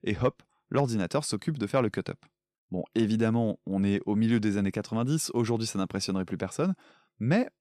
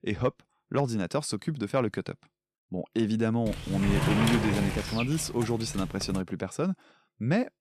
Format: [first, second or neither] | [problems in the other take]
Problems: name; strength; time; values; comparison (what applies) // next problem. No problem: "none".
first | door banging; loud; from 3.5 to 6 s; peak 3 dB above the speech